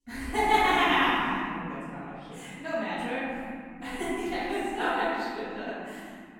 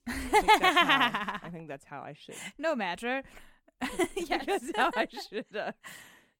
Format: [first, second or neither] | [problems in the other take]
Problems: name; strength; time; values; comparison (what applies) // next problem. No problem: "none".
second | room echo; strong; dies away in 2.8 s // off-mic speech; far